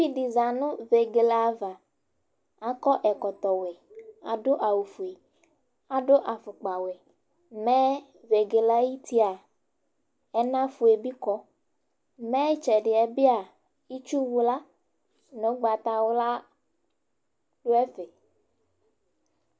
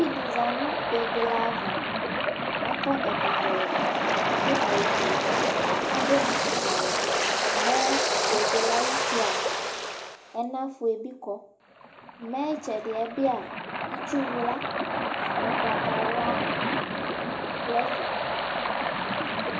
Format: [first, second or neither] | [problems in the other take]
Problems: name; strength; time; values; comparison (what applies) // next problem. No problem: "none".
first | background sound (Waves, surf); 4 dB above the speech // room echo; dies away in 0.3 s